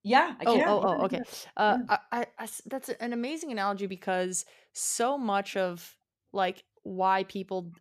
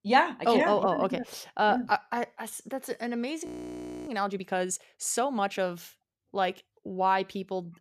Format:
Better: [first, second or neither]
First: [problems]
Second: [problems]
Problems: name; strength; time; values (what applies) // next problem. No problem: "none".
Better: first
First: none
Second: audio freezing; at 3.5 s for 0.5 s